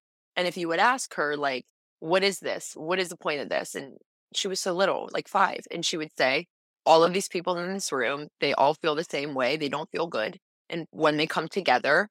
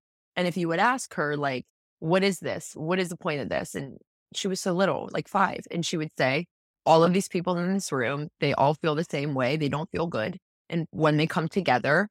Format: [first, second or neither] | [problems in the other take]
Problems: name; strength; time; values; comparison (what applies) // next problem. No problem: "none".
second | thin; somewhat; fading below 300 Hz